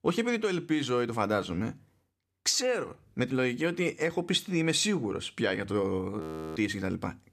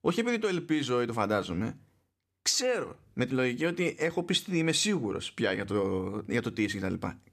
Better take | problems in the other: second | audio freezing; at 6 s

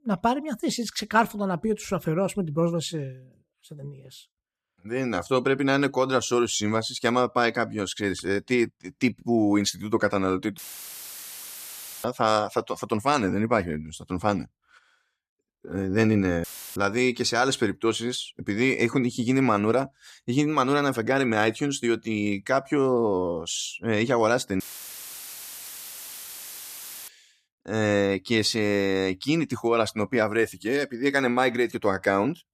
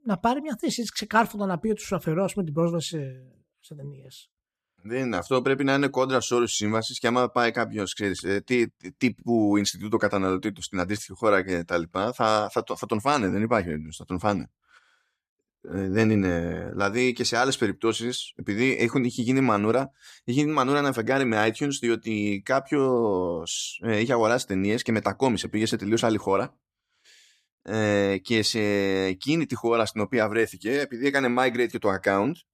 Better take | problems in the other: second | audio cutting out; filled with static; at 11 s for 1.5 s, at 16 s and at 25 s for 2.5 s

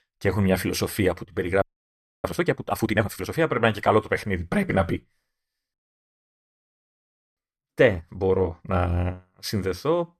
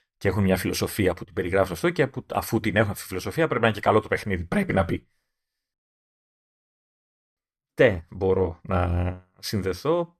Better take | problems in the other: second | audio freezing; at 1.5 s for 0.5 s

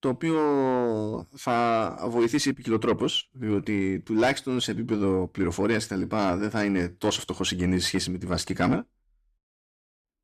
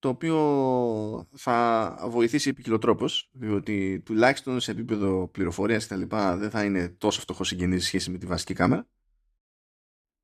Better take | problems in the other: second | distortion; slight; 10 dB below the speech

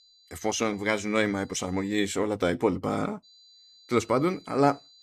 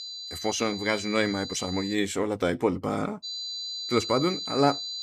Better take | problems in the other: first | high-pitched whine; loud; until 2 s and from 3 s on; 4 kHz, 6 dB below the speech; faint in the first

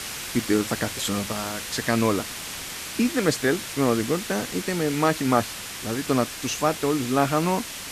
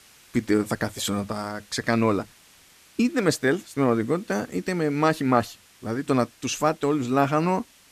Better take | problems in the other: second | hiss; loud; throughout; 7 dB below the speech; faint in the second

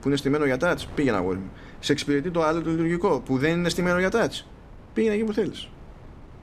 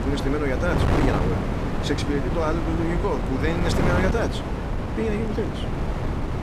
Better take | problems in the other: first | wind noise on the microphone; heavy; 1 dB below the speech; occasional gusts in the first

